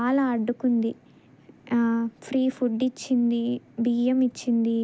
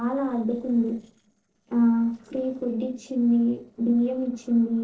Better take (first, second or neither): first